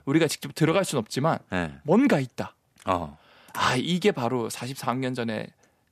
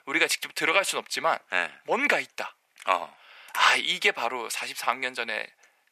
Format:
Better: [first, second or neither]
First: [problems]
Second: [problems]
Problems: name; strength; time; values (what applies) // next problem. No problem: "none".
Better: first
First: none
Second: thin; very; fading below 700 Hz